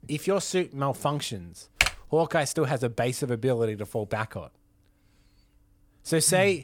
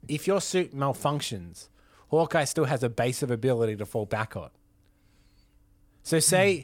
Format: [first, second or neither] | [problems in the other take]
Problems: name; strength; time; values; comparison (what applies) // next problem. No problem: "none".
second | keyboard typing; loud; at 2 s; peak 2 dB above the speech